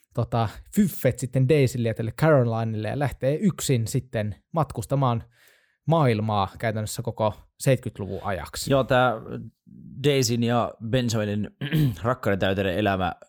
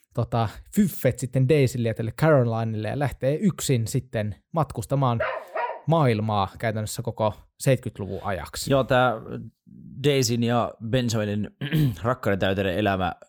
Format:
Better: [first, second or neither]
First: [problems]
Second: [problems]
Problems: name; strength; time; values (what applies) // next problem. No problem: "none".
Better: first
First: none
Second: dog barking; noticeable; at 5 s; peak 5 dB below the speech